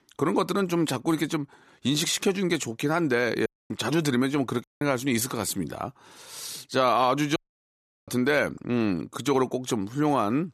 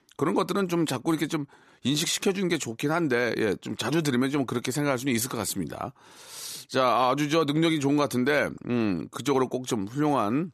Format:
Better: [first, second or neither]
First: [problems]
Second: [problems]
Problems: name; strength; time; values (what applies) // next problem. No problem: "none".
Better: second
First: audio cutting out; at 3.5 s, at 4.5 s and at 7.5 s for 0.5 s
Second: none